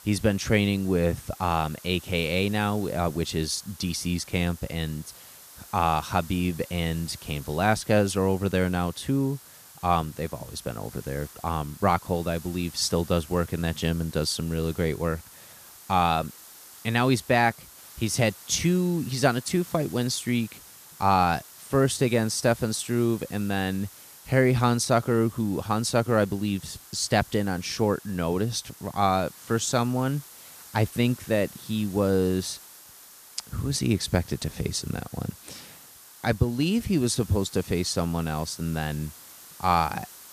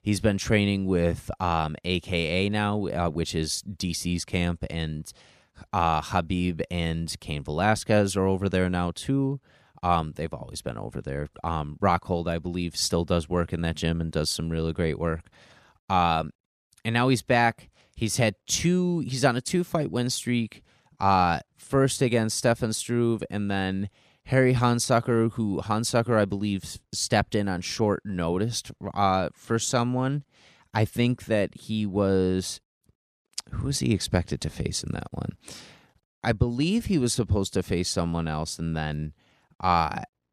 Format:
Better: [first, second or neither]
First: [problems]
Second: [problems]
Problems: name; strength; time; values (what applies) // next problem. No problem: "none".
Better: second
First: hiss; noticeable; throughout; 20 dB below the speech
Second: none